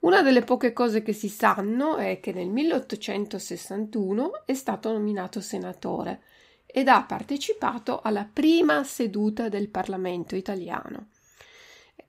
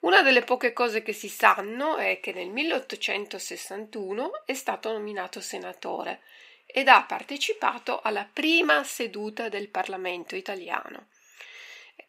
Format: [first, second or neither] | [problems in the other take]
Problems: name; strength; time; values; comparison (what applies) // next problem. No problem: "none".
first | thin; somewhat; fading below 450 Hz